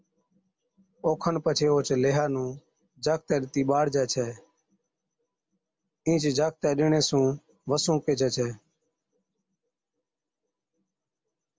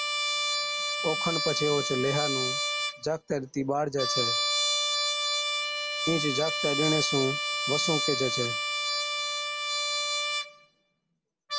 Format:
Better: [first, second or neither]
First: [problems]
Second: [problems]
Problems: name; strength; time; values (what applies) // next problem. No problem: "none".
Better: first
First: none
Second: background sound (Trumpet); 2 dB above the speech